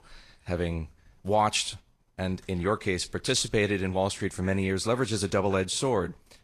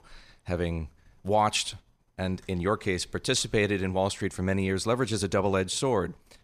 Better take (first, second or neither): second